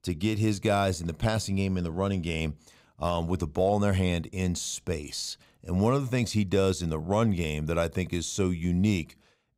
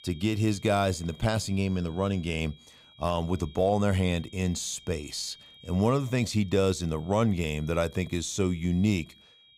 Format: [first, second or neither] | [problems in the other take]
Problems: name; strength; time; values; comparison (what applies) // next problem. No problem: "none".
first | high-pitched whine; faint; throughout; 3 kHz, 25 dB below the speech